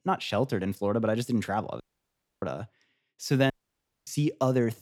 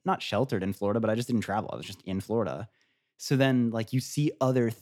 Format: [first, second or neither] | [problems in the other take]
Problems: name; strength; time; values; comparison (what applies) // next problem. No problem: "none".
second | audio cutting out; at 2 s for 0.5 s and at 3.5 s for 0.5 s